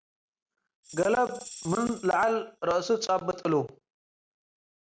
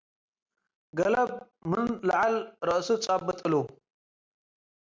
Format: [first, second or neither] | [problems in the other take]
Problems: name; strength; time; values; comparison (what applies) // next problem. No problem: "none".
second | background sound (Tambourine); 17 dB below the speech